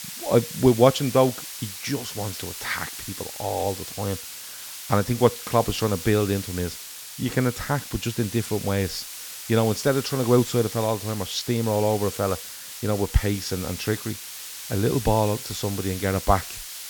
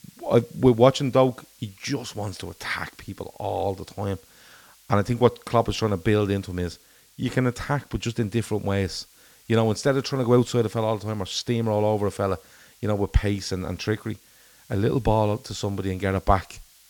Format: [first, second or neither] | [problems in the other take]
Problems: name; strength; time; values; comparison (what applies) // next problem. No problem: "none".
second | hiss; loud; throughout; 9 dB below the speech; faint in the second